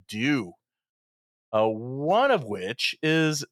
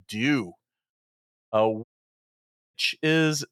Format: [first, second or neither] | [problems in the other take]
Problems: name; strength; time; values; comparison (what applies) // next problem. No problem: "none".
first | audio cutting out; at 2 s for 1 s